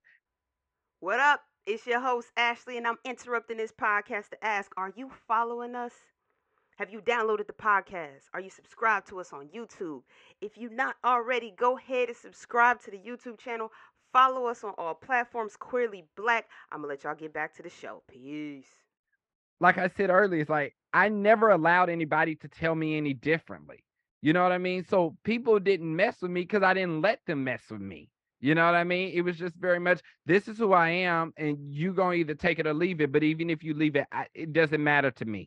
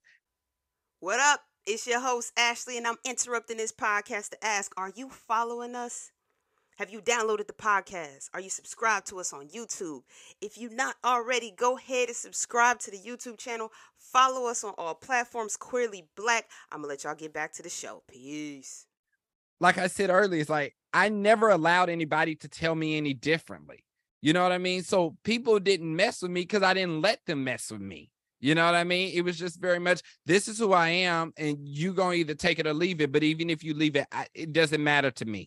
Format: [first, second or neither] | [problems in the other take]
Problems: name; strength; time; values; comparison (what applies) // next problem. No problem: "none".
second | muffled; very; fading above 2 kHz